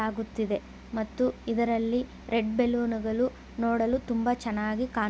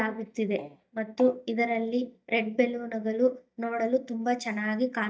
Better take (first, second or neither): first